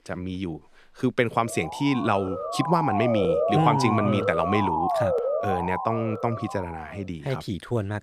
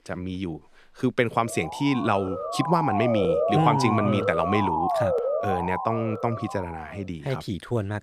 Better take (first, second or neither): neither